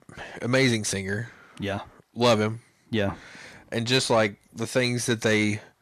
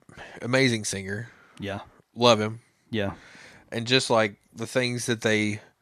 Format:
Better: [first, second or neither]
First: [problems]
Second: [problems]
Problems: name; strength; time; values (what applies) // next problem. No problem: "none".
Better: second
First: distortion; slight; 10 dB below the speech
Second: none